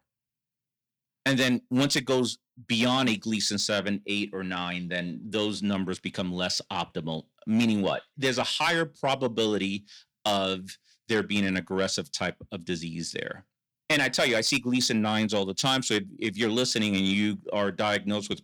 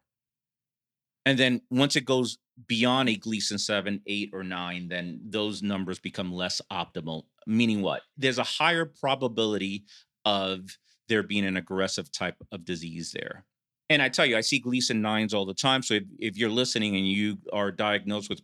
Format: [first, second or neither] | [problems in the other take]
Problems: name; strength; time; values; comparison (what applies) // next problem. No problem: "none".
second | distortion; slight; 10 dB below the speech